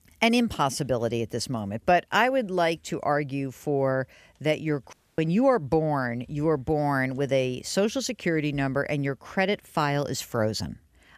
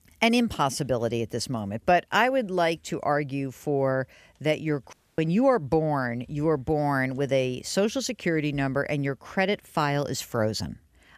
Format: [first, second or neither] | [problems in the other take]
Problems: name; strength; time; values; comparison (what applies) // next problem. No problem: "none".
neither | audio cutting out; at 5 s; the same in both